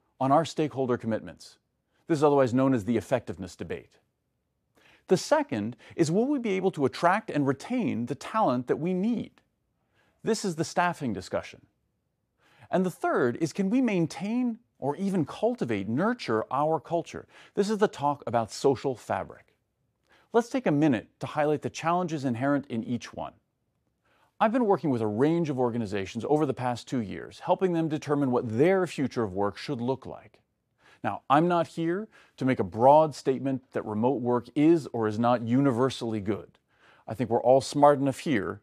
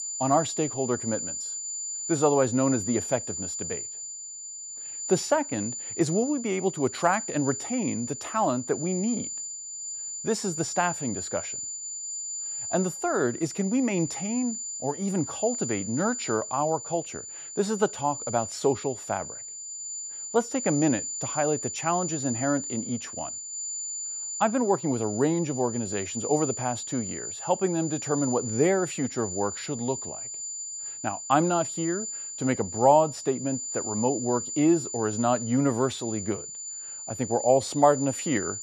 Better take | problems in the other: first | high-pitched whine; loud; throughout; 7 kHz, 6 dB below the speech

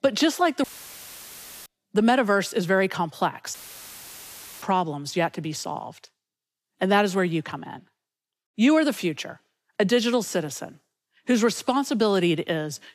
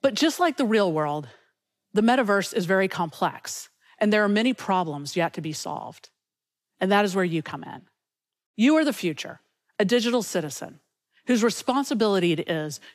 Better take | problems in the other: second | audio cutting out; filled with static; at 0.5 s for 1 s and at 3.5 s for 1 s

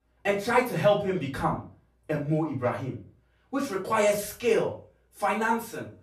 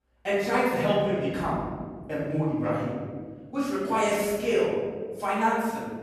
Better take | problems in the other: first | room echo; strong; dies away in 1.6 s; slight in the first // off-mic speech; far; far in the first

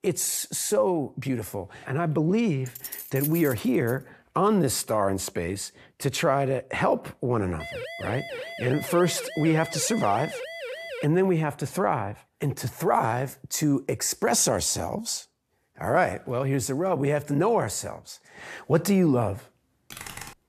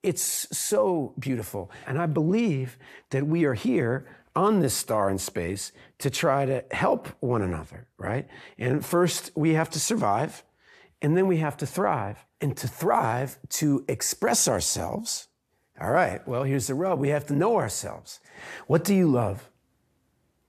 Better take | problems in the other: second | jangling keys; noticeable; from 2.5 to 4 s; peak 6 dB below the speech // siren; noticeable; from 7.5 to 11 s; peak 9 dB below the speech // keyboard typing; faint; at 20 s; peak 10 dB below the speech

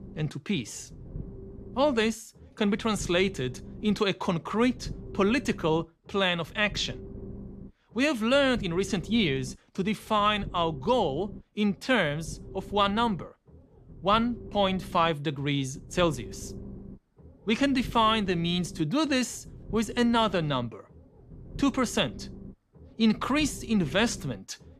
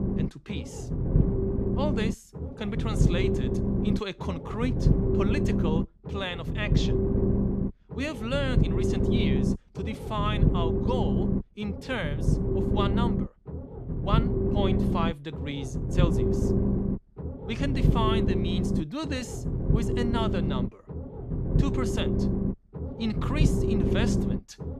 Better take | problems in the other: first | low rumble; loud; throughout; as loud as the speech; faint in the first

